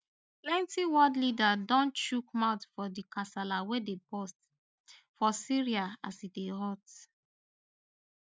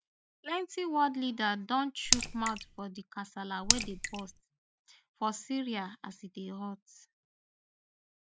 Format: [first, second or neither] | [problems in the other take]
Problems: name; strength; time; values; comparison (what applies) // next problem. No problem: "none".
first | background sound (Raindrop / Splash, splatter); 5 dB above the speech